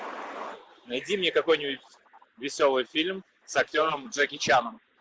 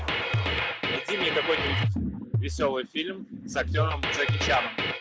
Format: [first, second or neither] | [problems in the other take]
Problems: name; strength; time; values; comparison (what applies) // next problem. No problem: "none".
first | background sound (Drum kit); 3 dB above the speech